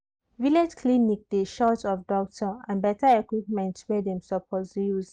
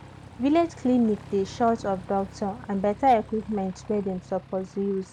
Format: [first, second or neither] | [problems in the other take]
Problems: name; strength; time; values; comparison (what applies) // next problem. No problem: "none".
first | background sound (Aircraft); 18 dB below the speech